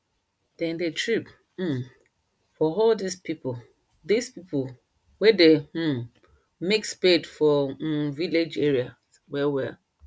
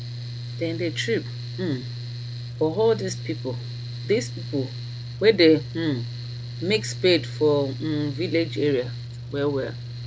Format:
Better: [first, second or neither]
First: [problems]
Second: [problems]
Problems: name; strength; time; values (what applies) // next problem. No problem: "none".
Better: first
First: none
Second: background sound (Mechanical fan); 8 dB below the speech